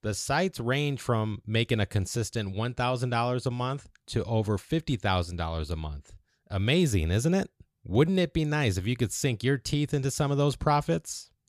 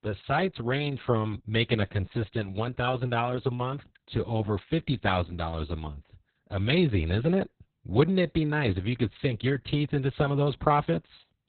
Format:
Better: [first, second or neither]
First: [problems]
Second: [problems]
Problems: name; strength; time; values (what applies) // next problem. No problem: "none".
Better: first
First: none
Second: garbled, watery; badly; nothing above 4 kHz